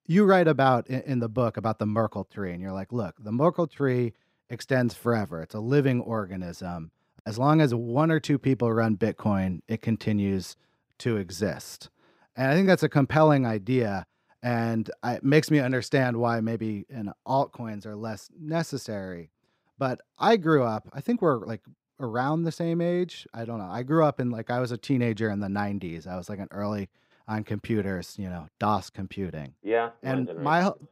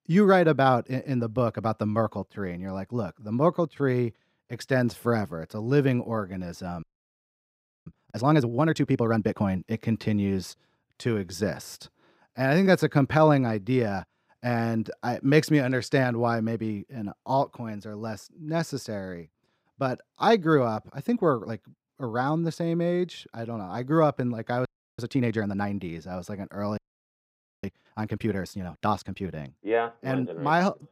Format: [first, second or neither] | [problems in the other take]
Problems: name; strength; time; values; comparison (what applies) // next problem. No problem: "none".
first | audio freezing; at 7 s for 1 s, at 25 s and at 27 s for 1 s